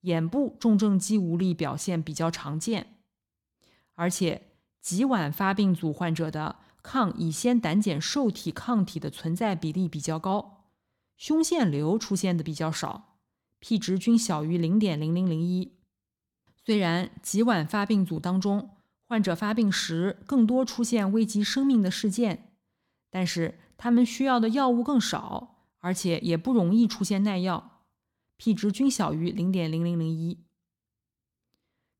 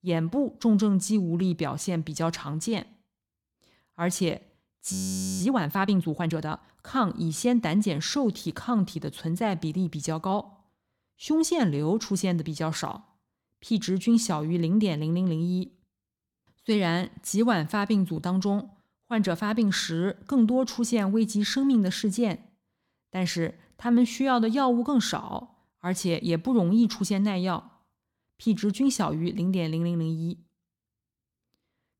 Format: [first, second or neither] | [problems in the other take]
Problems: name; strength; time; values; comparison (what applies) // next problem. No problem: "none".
first | audio freezing; at 5 s